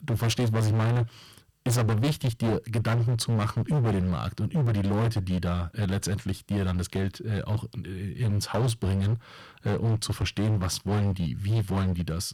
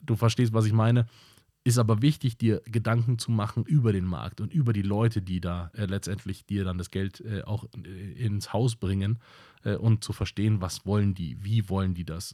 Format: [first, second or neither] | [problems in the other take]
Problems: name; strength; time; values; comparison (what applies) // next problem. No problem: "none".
second | distortion; heavy; 22% of the sound clipped